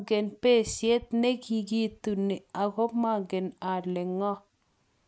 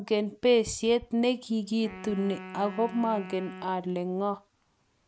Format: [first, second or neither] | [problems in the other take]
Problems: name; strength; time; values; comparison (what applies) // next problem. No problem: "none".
first | background sound (Wind instrument, woodwind instrument); 16 dB below the speech